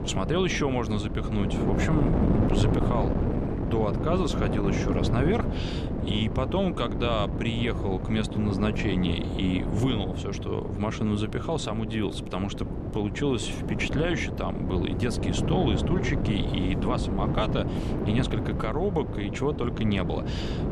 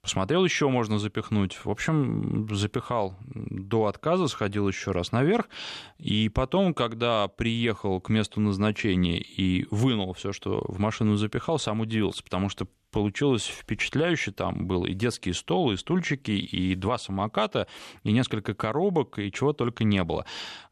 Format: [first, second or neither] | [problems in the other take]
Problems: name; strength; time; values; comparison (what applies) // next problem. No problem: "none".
second | wind noise on the microphone; heavy; 4 dB below the speech